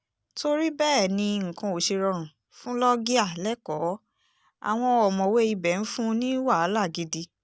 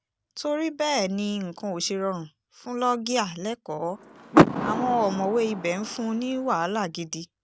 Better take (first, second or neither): first